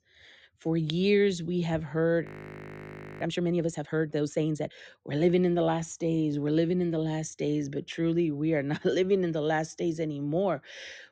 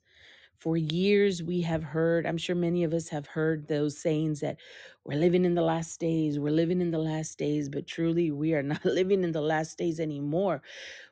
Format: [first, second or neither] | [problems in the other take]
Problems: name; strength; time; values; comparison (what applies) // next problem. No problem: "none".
second | audio freezing; at 2.5 s for 1 s